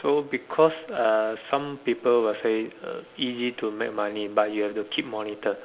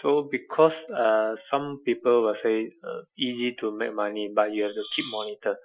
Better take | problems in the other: first | noise reduction (classical method Wiener filter)

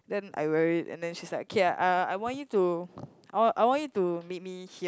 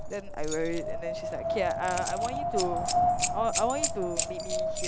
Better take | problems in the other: first | background sound (Wind + Keys jangling); 4 dB above the speech

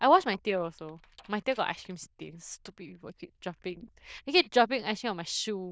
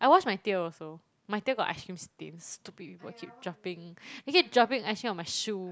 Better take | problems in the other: second | noise reduction (neural diffusion model UNIVERSE++)

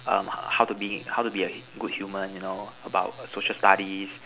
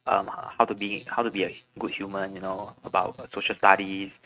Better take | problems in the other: first | noise reduction (neural mask model RNNoise)

